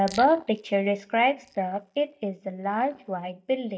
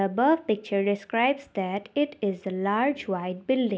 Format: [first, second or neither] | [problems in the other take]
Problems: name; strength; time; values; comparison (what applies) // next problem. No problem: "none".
second | noise reduction (neural mask model DeepFilterNet 3)